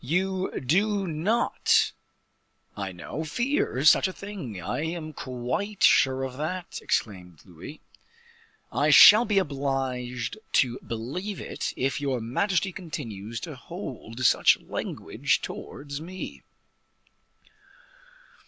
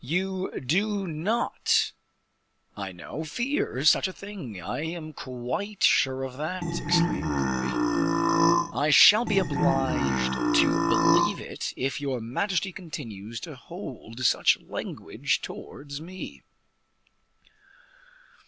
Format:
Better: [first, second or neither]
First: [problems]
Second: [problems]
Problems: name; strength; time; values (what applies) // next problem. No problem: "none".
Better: first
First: none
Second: background sound (Burping, eructation); 5 dB above the speech